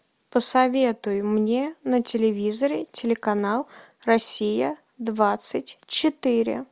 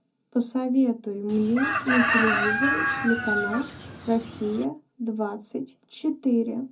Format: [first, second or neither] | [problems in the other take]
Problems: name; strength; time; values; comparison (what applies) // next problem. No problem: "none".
first | background sound (Chicken, rooster); as loud as the speech // room echo; dies away in 0.3 s